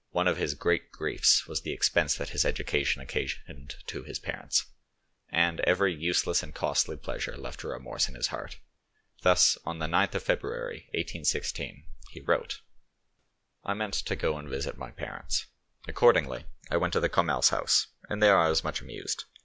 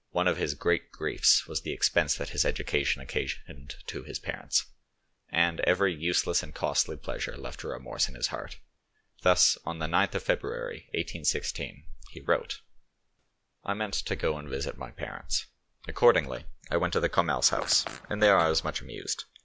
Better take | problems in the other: first | background sound (Fart); 12 dB below the speech

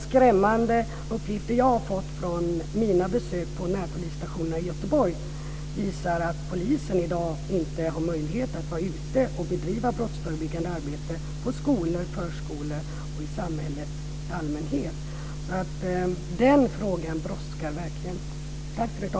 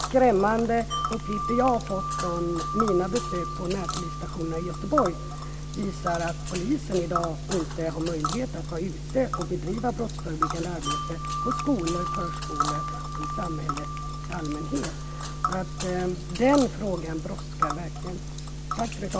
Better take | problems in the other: first | background sound (Tick + Wind chime); 7 dB below the speech

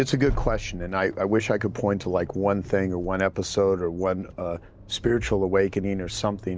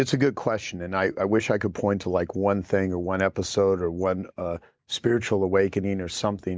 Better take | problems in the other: second | background sound (Accelerating, revving, vroom); 11 dB below the speech

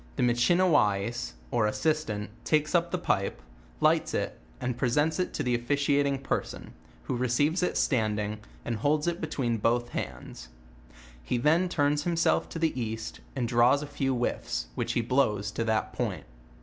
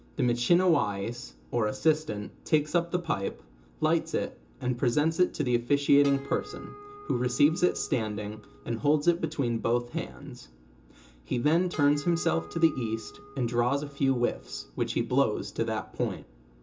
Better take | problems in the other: first | background sound (Harp); 18 dB below the speech // room echo; dies away in 0.2 s

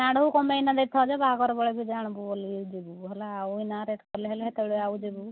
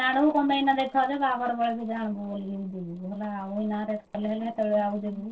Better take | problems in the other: first | noise reduction (neural separator model SepFormer DNS4)

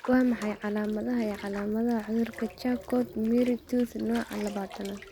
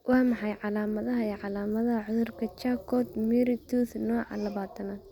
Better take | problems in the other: second | background sound (Bathtub (filling or washing) / Water); 20 dB below the speech

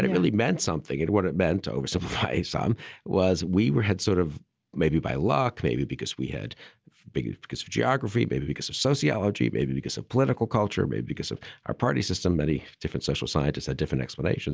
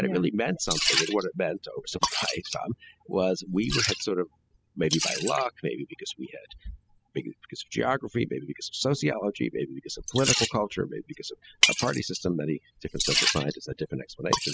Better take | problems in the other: first | noise reduction (classical method spectral subtraction)

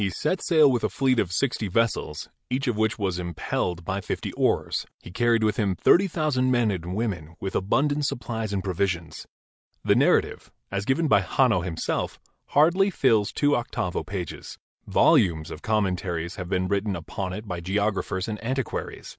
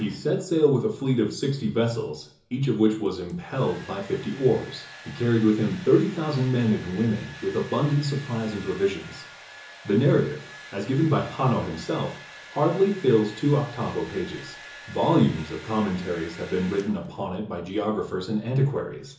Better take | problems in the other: first | background sound (Domestic sounds, home sounds); 20 dB below the speech // room echo; dies away in 0.7 s

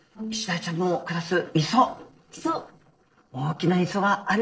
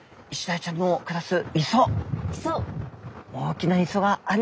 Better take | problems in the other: second | noise reduction (neural separator model SepFormer DNS4)

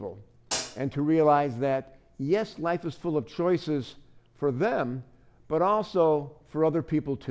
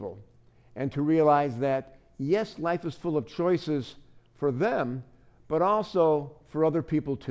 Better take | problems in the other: second | background sound (Hi-hat); 6 dB below the speech

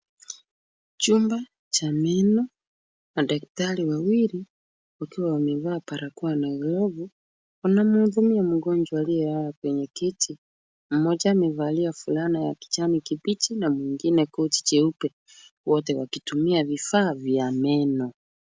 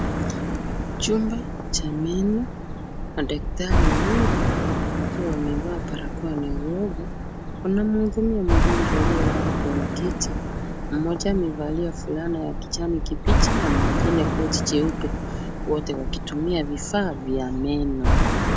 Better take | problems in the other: first | background sound (Car passing by); 3 dB above the speech

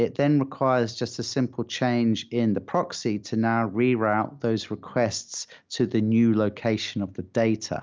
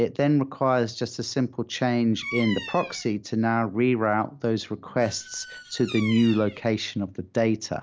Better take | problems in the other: first | background sound (Bird vocalization, bird call, bird song); 17 dB below the speech

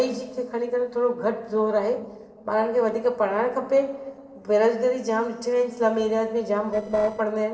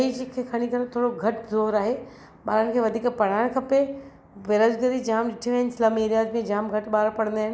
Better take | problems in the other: second | noise reduction (neural separator model SepFormer DNS4)

